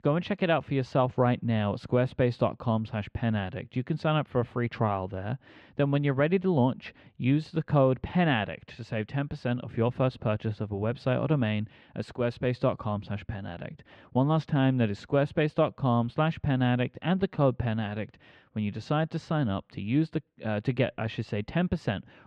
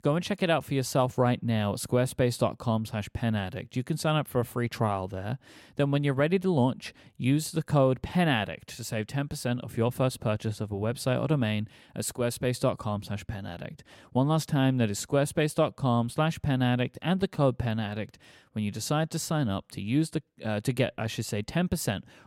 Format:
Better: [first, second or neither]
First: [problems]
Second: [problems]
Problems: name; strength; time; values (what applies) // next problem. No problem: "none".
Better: second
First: muffled; slightly; fading above 3 kHz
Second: none